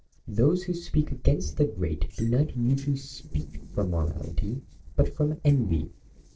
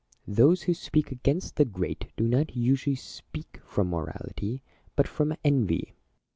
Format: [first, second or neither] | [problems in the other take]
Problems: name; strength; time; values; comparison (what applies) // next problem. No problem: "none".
second | noise reduction (neural separator model SepFormer DNS4)